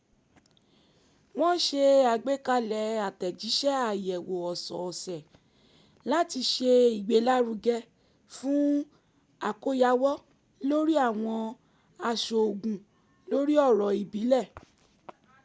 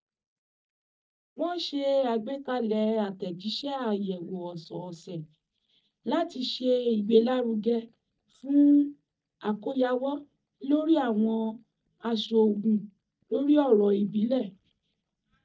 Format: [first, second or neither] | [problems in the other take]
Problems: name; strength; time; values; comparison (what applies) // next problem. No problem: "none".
first | noise reduction (neural mask model DeepFilterNet 3)